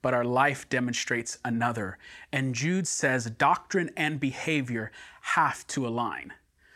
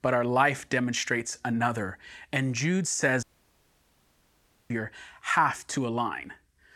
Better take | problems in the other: first | audio cutting out; at 3 s for 1.5 s

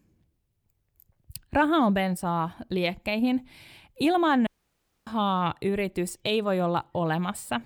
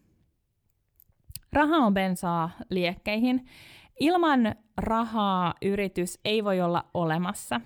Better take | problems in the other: second | audio cutting out; at 4.5 s for 0.5 s

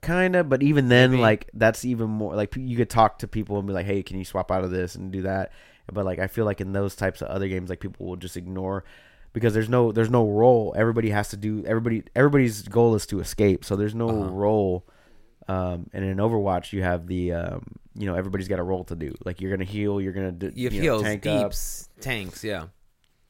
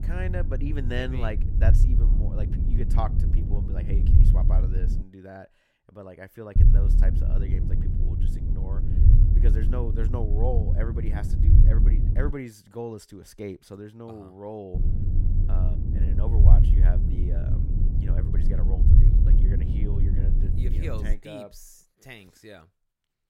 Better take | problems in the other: first | low rumble; loud; until 5 s, from 6.5 to 12 s and from 15 to 21 s; 2 dB below the speech

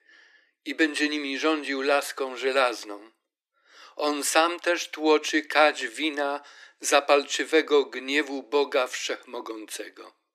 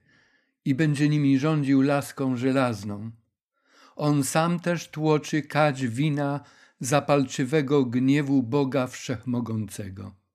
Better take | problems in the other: second | thin; very; fading below 300 Hz

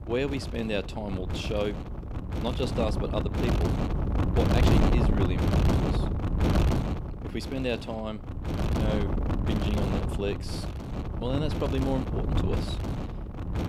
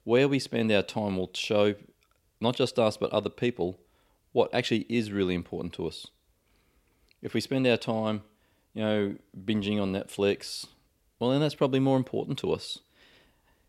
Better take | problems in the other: second | wind noise on the microphone; heavy; 1 dB below the speech

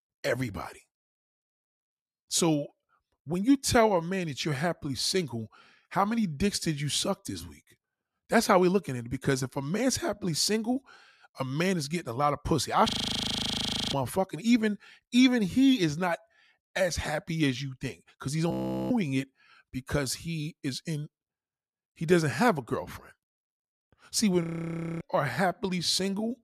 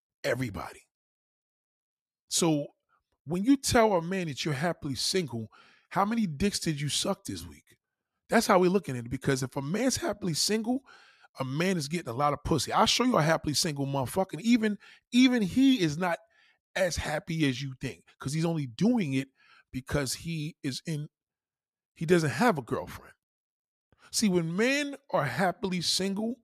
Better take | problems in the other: second | audio freezing; at 13 s for 1 s, at 19 s and at 24 s for 0.5 s

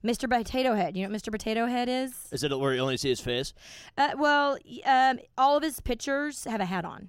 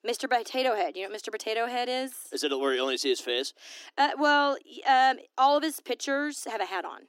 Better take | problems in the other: first | thin; very slightly; fading below 250 Hz

